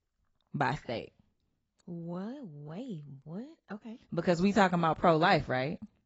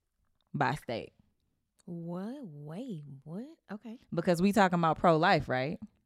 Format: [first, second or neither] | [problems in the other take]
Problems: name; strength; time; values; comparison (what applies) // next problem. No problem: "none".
second | garbled, watery; badly; nothing above 7.5 kHz